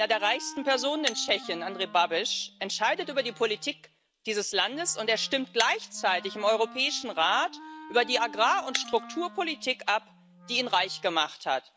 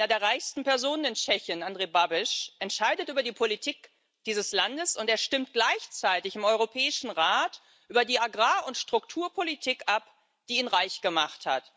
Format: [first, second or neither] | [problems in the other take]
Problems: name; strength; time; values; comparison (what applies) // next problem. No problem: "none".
second | background sound (Wind instrument, woodwind instrument + Shatter); 15 dB below the speech